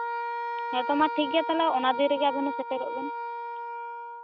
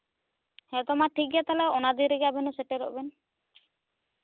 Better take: second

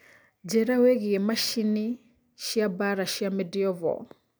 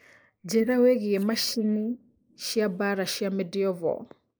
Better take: first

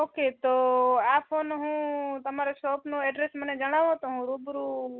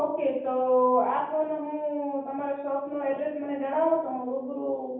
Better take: first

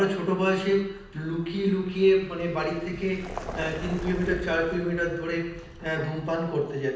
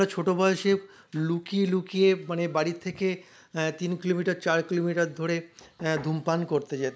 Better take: second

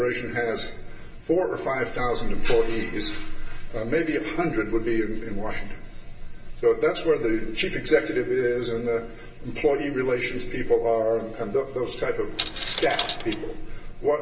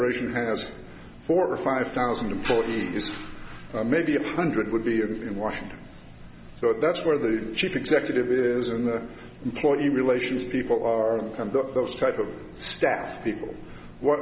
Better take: second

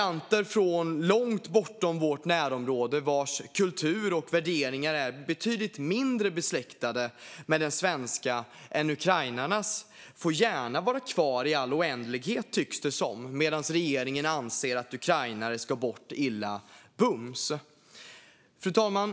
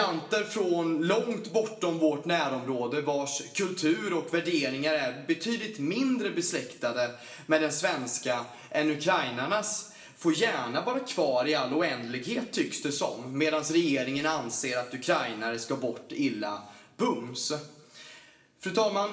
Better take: first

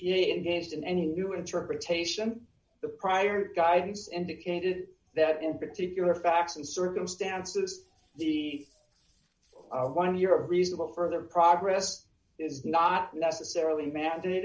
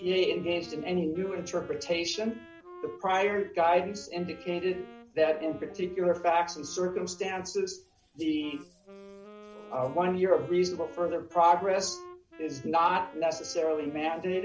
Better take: first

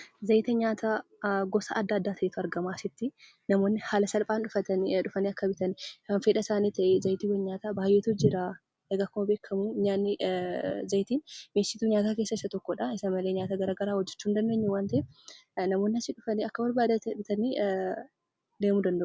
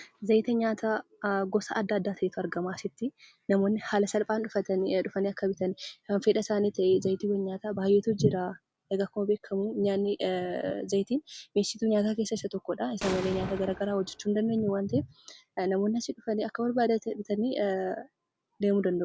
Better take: first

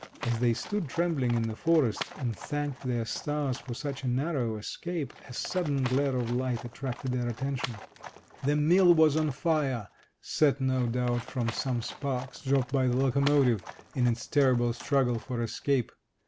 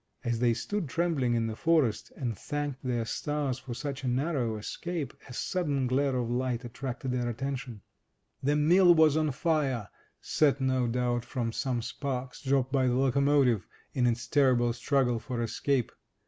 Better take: second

